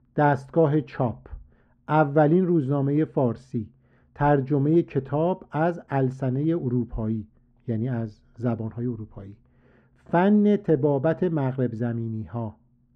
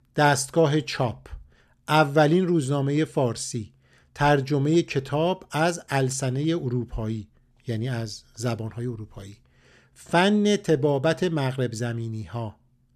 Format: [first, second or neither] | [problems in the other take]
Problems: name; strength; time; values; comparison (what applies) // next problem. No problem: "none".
second | muffled; very; fading above 3 kHz